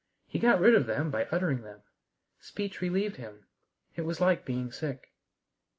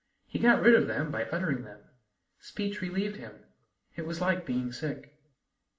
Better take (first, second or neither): first